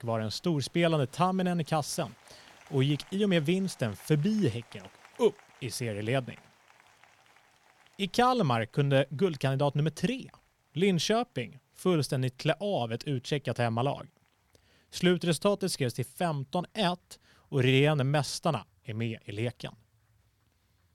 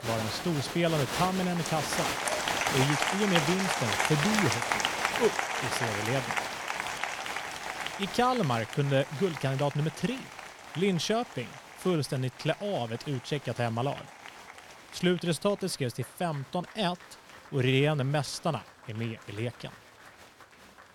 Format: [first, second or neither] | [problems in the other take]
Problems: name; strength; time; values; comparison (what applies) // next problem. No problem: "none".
first | crowd noise; loud; throughout; 1 dB below the speech; faint in the first